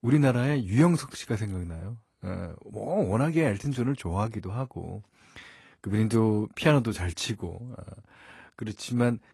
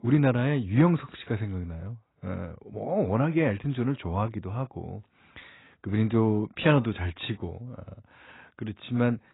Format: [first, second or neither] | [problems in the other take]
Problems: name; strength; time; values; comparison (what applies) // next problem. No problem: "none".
first | garbled, watery; badly; nothing above 4 kHz; slightly in the first